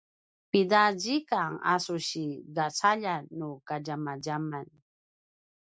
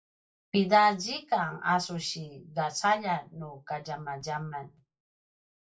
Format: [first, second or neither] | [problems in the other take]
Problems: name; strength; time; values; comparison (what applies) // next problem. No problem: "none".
first | room echo; dies away in 0.2 s